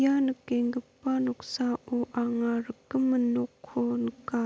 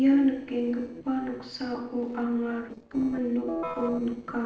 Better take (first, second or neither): first